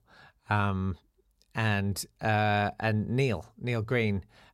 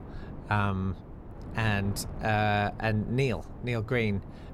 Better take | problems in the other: first | wind noise on the microphone; occasional gusts; 20 dB below the speech

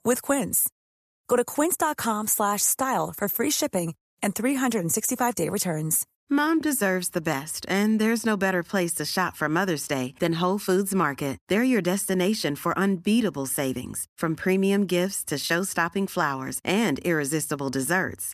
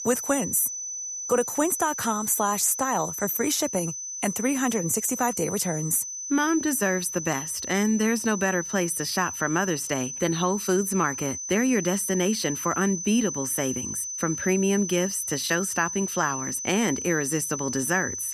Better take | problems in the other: first | high-pitched whine; loud; throughout; 6 kHz, 6 dB below the speech

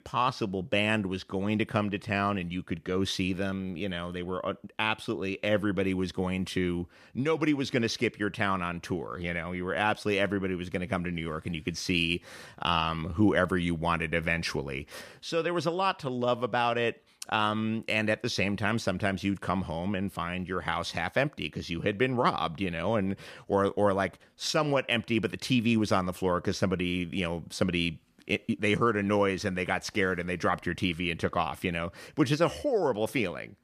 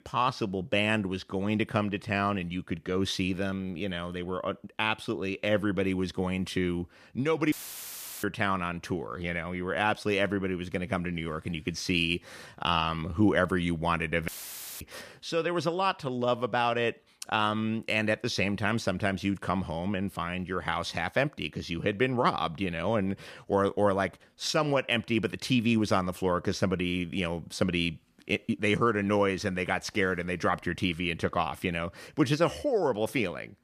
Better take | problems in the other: first | audio cutting out; filled with static; at 7.5 s for 0.5 s and at 14 s for 0.5 s

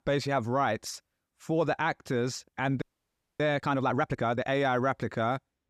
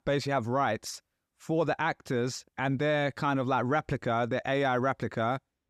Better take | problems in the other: second | audio freezing; at 3 s for 0.5 s

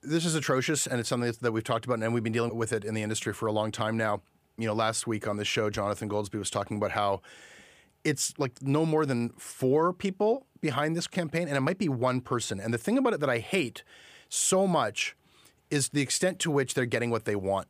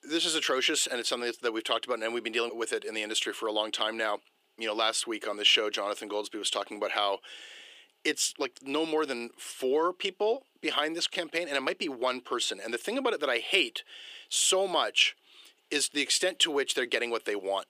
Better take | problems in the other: first | thin; somewhat; fading below 350 Hz

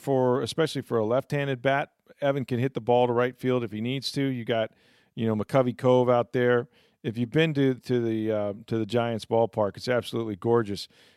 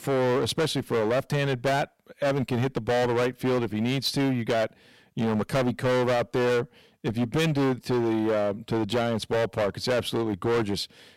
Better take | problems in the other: first | distortion; heavy; 22% of the sound clipped

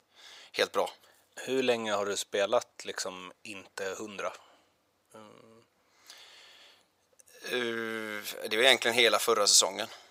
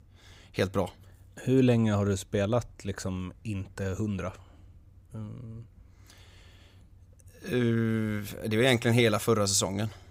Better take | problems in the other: second | thin; very; fading below 650 Hz

